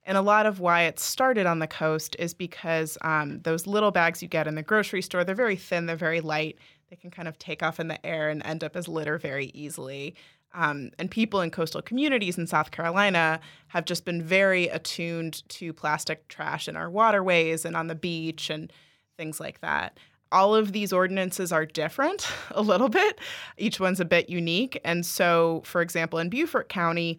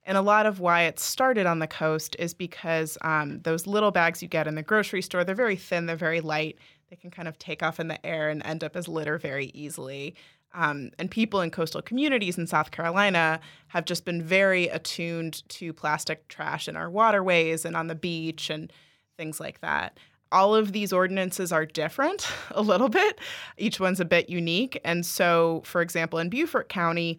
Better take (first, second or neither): neither